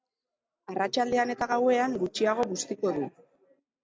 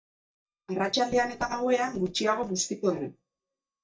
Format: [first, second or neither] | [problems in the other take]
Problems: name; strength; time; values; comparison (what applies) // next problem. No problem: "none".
first | noise reduction (neural mask model DeepFilterNet 3)